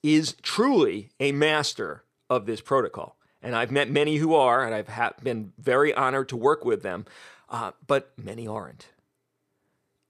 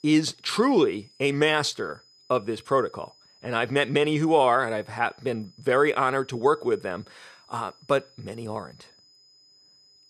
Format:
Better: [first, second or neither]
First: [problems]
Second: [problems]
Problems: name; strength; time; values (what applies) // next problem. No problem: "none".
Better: first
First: none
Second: high-pitched whine; faint; throughout; 5 kHz, 30 dB below the speech